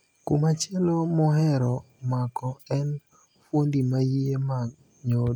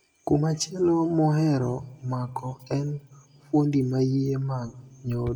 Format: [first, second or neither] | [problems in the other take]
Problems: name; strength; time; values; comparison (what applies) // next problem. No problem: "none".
first | room echo; dies away in 0.4 s